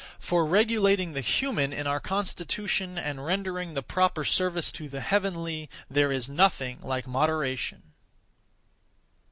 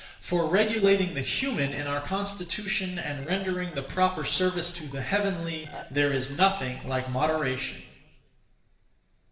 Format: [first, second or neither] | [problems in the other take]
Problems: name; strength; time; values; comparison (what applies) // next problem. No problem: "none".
first | noise reduction (neural separator model SepFormer DNS4)